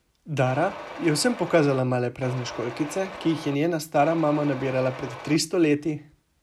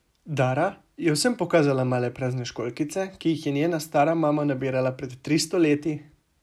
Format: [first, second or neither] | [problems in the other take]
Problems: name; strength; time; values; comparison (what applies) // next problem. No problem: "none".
second | background sound (Mechanisms); 13 dB below the speech